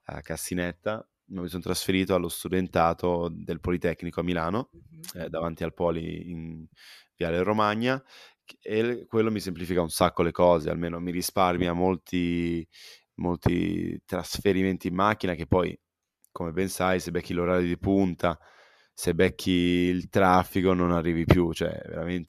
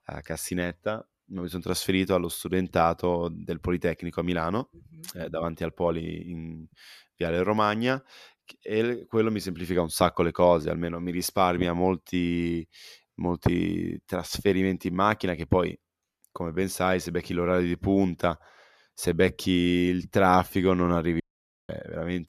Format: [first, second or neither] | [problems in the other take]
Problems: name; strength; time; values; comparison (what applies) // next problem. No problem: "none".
first | audio cutting out; at 21 s